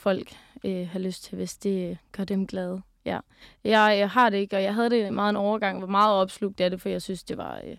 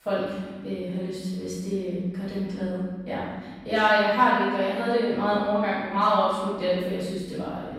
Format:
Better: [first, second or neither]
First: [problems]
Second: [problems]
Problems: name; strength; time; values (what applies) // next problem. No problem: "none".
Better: first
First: none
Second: off-mic speech; far // room echo; strong; dies away in 1.5 s